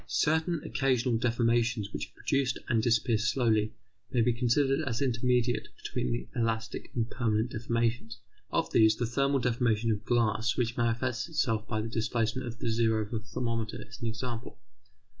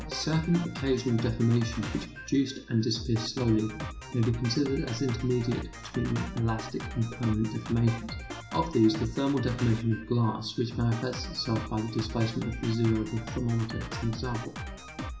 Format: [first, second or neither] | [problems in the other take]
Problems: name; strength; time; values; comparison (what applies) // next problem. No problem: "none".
first | background sound (Drum kit); 10 dB below the speech // room echo; dies away in 0.5 s